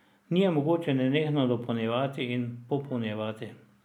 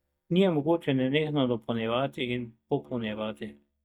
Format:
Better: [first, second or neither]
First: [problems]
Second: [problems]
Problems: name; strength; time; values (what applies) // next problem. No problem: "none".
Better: first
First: none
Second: noise reduction (neural mask model DeepFilterNet 3)